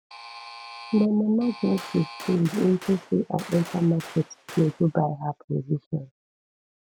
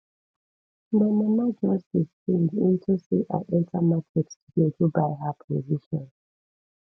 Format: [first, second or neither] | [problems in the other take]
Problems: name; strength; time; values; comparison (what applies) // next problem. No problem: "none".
second | background sound (Gunshot, gunfire + Alarm); 16 dB below the speech